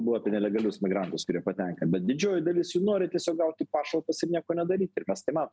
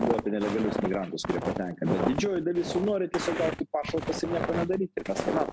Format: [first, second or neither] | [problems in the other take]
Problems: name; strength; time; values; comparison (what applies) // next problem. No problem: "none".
first | background sound (Walk, footsteps); 4 dB below the speech